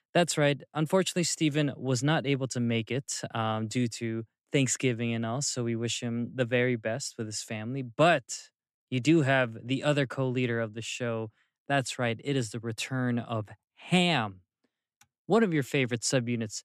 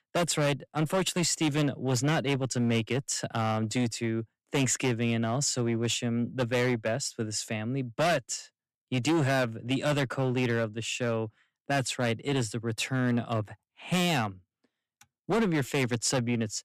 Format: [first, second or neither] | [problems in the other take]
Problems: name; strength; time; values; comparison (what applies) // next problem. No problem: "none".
first | distortion; heavy; 10% of the sound clipped